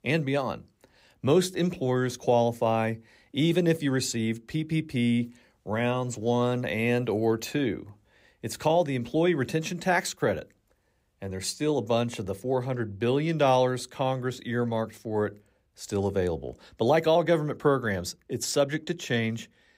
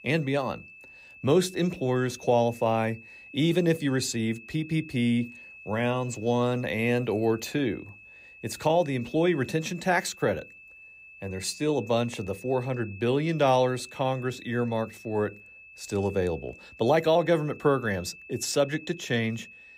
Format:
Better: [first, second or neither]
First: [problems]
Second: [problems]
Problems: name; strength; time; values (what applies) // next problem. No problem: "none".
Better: first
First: none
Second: high-pitched whine; noticeable; throughout; 2.5 kHz, 20 dB below the speech